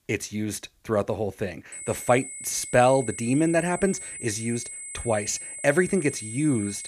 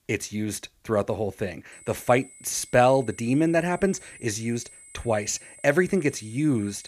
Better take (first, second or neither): second